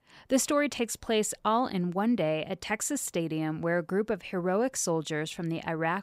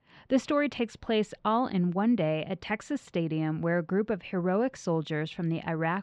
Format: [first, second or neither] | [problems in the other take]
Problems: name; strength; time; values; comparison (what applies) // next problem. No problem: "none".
first | muffled; slightly; fading above 4 kHz